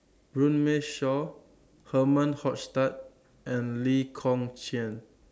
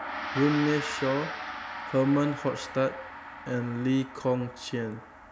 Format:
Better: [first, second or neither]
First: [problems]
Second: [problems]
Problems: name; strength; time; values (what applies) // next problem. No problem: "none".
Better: first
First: none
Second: background sound (Gong); 9 dB below the speech